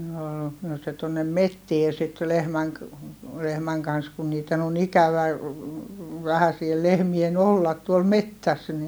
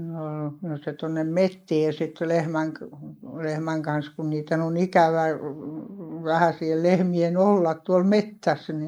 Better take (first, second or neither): first